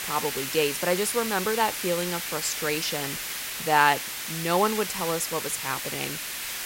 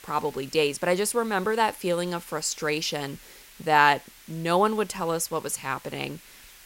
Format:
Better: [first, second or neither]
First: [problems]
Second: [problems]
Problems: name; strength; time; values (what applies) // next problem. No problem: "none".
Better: second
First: hiss; loud; throughout; 4 dB below the speech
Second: hiss; faint; throughout; 20 dB below the speech